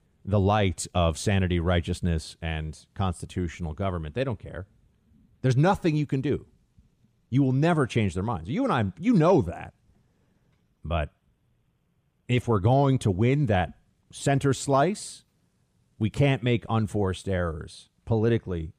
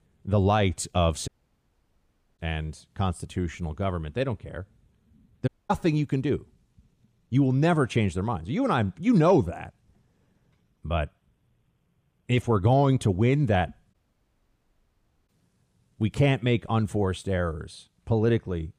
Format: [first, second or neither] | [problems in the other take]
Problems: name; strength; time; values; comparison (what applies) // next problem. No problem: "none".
first | audio cutting out; at 1.5 s for 1 s, at 5.5 s and at 14 s for 1.5 s